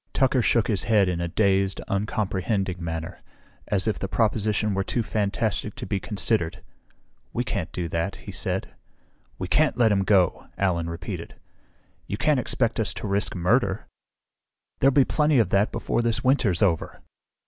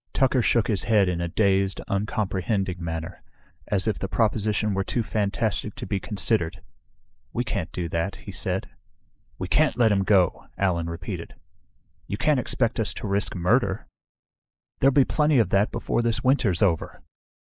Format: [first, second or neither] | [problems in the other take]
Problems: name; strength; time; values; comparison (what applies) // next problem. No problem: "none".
first | noise reduction (neural mask model Resemble Enhance denoiser)